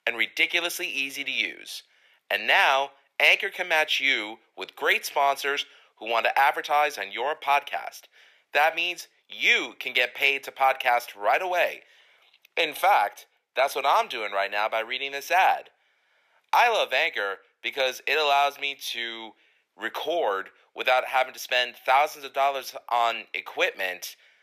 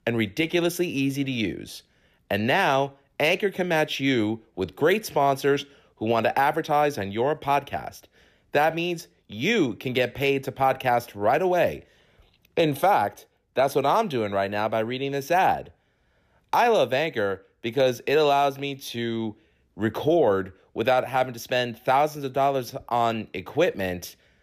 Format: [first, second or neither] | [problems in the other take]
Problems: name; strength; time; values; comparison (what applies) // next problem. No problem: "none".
second | thin; very; fading below 850 Hz